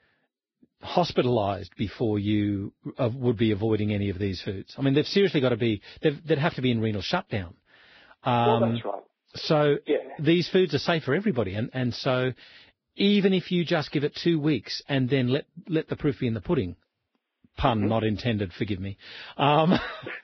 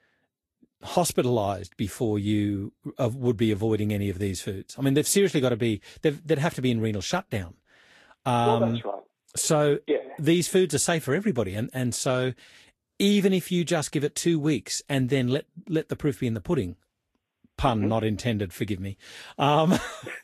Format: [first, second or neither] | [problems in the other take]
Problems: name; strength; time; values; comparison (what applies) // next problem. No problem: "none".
second | garbled, watery; badly; nothing above 5.5 kHz; slightly in the second